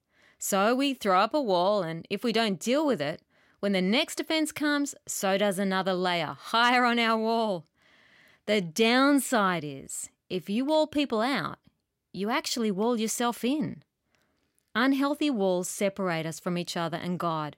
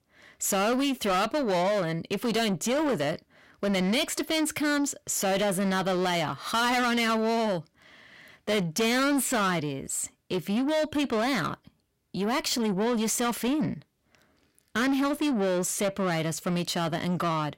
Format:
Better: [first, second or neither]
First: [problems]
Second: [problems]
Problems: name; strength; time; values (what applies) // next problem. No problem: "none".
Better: first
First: none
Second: distortion; heavy; 8 dB below the speech